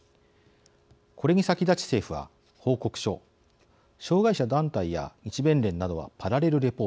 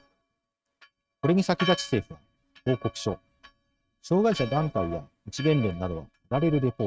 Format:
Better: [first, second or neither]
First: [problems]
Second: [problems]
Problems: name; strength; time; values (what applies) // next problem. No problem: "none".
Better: first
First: none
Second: noise reduction (neural mask model RNNoise)